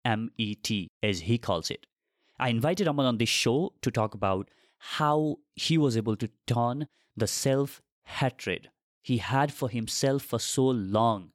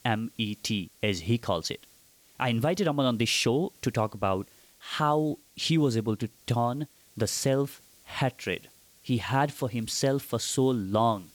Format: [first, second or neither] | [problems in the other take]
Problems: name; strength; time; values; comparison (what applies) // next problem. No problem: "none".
first | hiss; faint; throughout; 25 dB below the speech